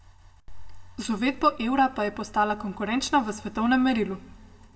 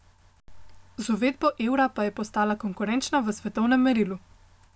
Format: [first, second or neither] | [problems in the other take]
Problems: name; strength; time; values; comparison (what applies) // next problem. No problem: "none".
second | room echo; dies away in 0.8 s